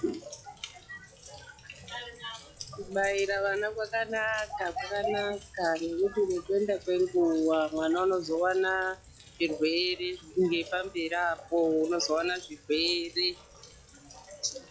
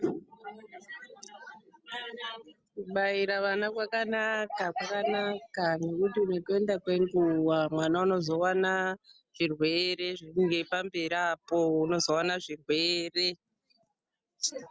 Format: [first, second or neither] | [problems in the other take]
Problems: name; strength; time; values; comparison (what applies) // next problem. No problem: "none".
second | noise reduction (classical method log-MMSE)